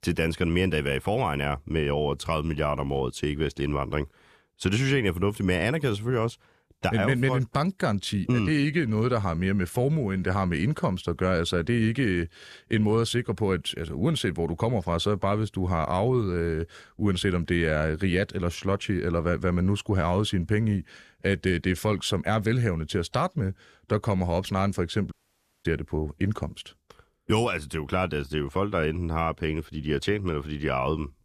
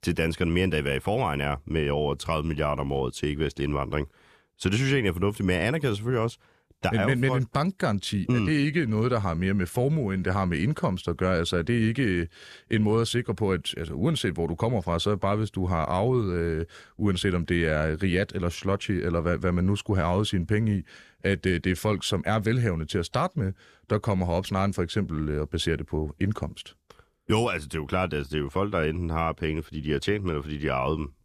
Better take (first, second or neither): second